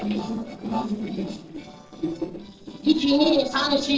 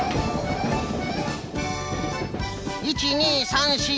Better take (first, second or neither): second